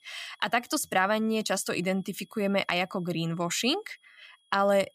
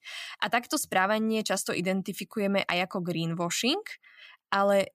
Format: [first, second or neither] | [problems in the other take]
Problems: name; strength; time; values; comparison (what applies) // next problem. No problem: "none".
second | high-pitched whine; faint; throughout; 3.5 kHz, 35 dB below the speech